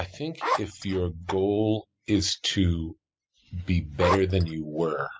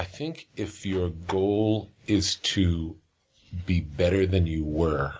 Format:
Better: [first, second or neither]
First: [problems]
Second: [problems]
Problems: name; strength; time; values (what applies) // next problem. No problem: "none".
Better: second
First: noise reduction (classical method spectral subtraction)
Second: none